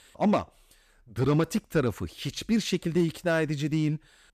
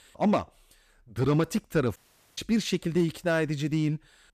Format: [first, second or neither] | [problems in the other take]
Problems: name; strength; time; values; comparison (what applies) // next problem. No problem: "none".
first | audio cutting out; at 2 s